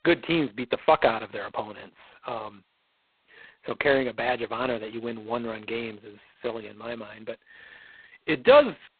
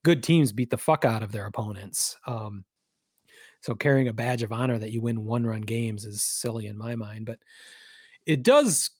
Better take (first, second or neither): second